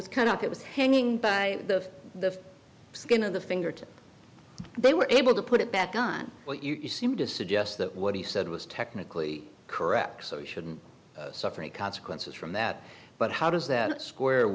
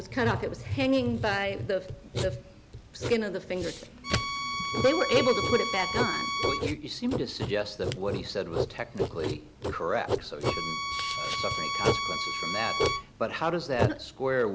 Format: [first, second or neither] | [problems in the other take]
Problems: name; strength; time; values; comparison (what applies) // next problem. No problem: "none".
first | background sound (Writing + Bowed string instrument); 1 dB below the speech